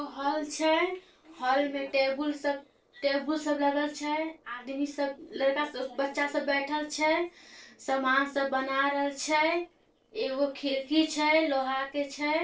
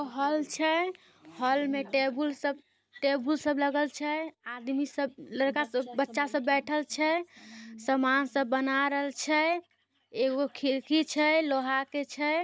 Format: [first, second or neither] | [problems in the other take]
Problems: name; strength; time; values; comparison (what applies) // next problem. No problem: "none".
second | noise reduction (neural separator model SepFormer DNS4)